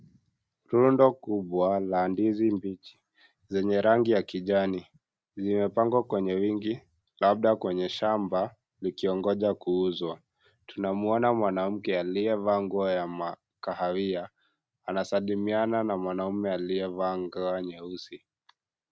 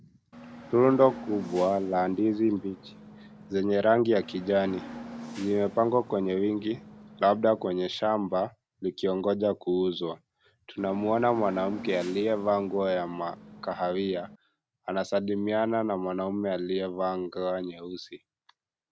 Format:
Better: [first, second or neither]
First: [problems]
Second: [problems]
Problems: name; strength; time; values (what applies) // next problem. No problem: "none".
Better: first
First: none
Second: background sound (Hiss / Bus / Engine); 16 dB below the speech